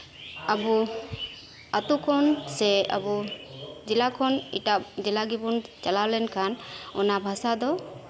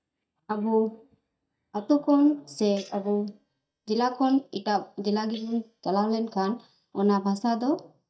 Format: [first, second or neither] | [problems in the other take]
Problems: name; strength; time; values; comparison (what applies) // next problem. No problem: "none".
first | noise reduction (neural mask model DeepFilterNet 3)